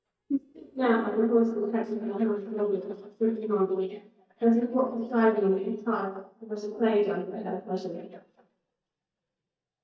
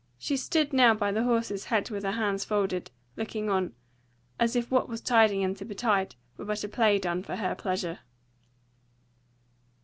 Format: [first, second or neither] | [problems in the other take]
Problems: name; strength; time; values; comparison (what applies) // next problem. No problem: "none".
second | noise reduction (neural mask model DeepFilterNet 3)